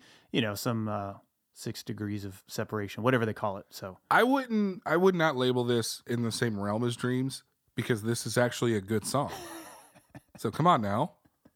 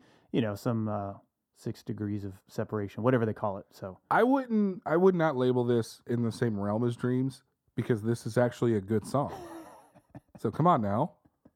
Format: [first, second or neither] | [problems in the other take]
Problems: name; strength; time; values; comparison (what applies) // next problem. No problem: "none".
first | muffled; slightly; fading above 1.5 kHz